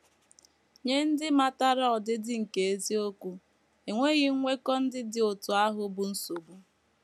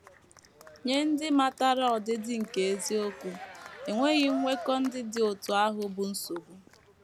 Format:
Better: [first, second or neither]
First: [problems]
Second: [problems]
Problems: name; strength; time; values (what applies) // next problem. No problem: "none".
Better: first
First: none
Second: background sound (Cheering); 14 dB below the speech